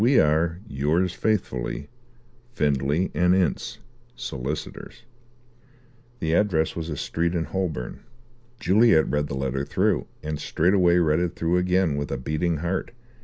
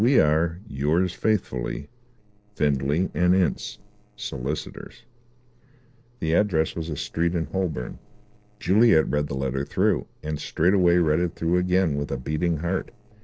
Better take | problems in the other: first | noise reduction (neural separator model SepFormer DNS4)

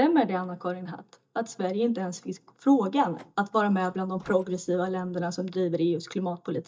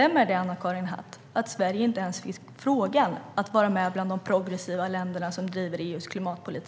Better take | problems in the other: second | noise reduction (neural mask model DeepFilterNet 3)

